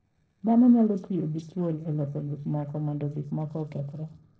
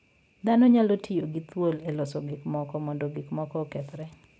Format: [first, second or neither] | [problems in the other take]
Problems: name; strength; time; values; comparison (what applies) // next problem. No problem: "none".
second | noise reduction (neural separator model SepFormer DNS4)